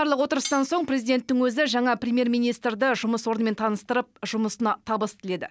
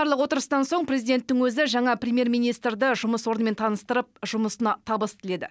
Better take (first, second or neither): second